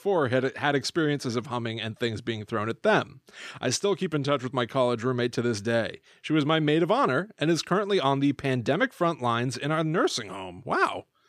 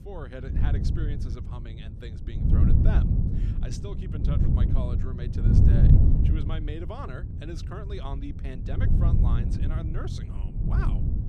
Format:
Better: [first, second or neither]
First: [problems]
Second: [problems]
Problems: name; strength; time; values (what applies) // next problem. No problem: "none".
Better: first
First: none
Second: wind noise on the microphone; heavy; 3 dB above the speech